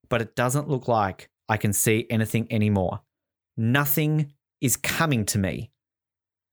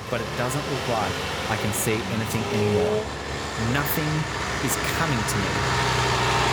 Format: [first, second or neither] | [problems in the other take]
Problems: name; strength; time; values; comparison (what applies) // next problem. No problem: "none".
first | traffic noise; very loud; throughout; 2 dB above the speech